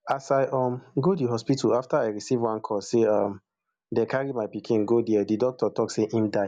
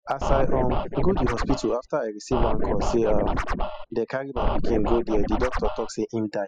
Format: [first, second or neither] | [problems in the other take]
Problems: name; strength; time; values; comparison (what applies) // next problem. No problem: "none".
first | noise reduction (classical method spectral subtraction)